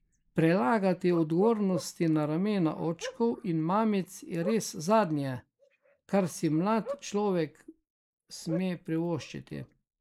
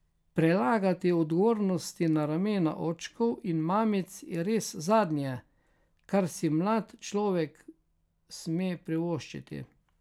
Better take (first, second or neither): second